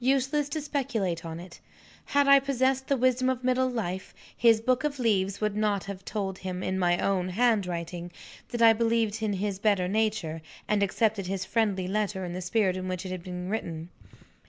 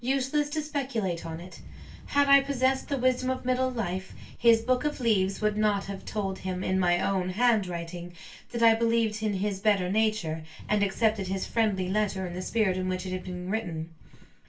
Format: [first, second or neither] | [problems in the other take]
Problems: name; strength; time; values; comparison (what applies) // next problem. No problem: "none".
first | background sound (Boat, Water vehicle); 16 dB below the speech // room echo; dies away in 0.2 s